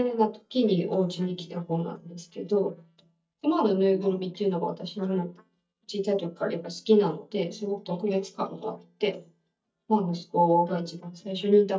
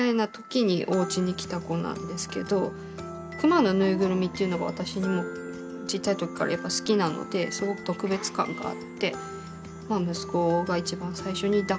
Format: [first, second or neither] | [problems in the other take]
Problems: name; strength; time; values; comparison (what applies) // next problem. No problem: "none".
second | noise reduction (neural mask model DeepFilterNet 3)